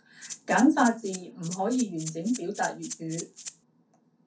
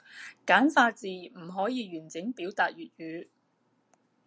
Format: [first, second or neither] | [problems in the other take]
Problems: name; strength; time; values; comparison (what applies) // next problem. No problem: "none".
second | background sound (Rattle (instrument)); 13 dB below the speech // room echo; dies away in 0.3 s